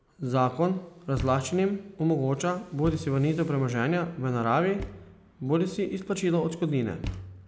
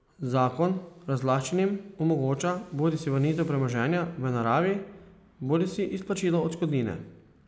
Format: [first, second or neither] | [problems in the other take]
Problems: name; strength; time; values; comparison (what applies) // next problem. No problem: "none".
second | background sound (Thump, thud); 15 dB below the speech